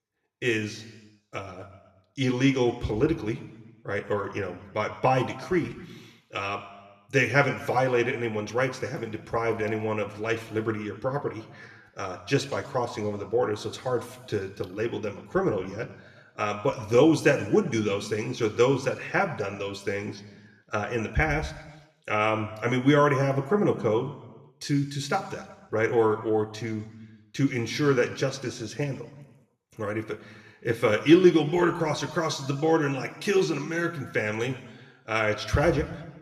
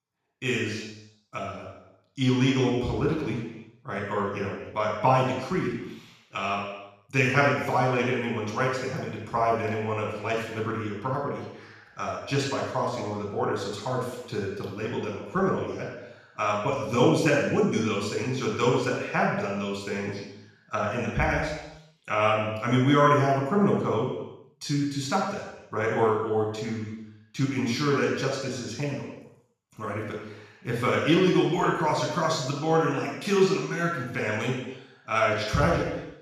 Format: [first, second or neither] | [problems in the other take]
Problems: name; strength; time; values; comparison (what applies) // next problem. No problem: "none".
first | room echo; strong; dies away in 0.9 s; slight in the first // off-mic speech; far